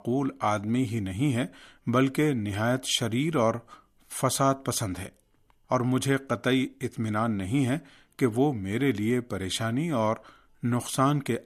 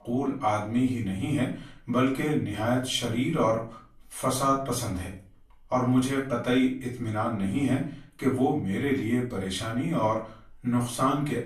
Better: first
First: none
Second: off-mic speech; far // room echo; slight; dies away in 0.3 s

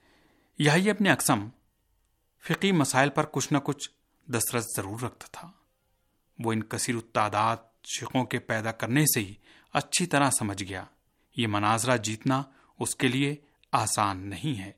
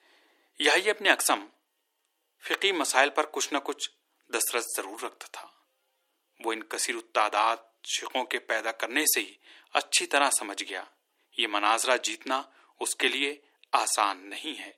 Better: first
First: none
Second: thin; very; fading below 350 Hz

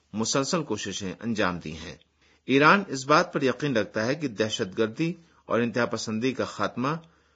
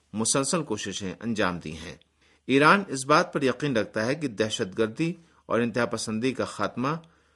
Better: second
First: garbled, watery; badly; nothing above 7.5 kHz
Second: garbled, watery; slightly; nothing above 9.5 kHz

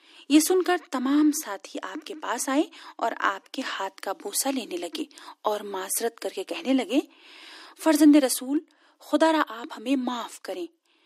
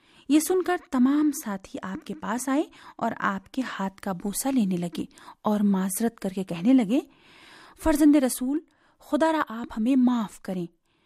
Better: second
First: thin; very slightly; fading below 300 Hz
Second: none

